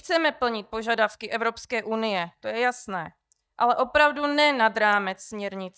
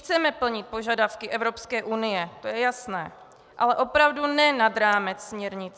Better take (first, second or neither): second